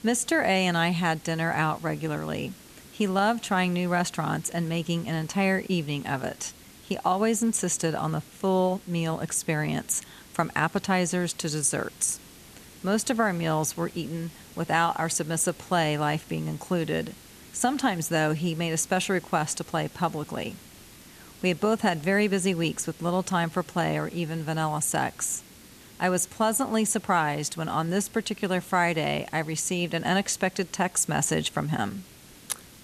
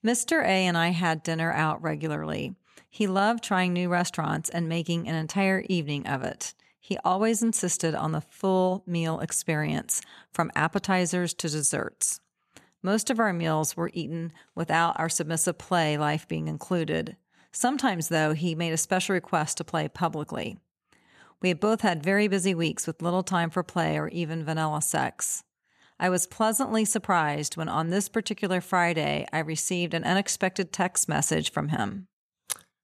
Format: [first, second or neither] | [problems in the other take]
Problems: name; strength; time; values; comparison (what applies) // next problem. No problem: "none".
second | hiss; faint; throughout; 20 dB below the speech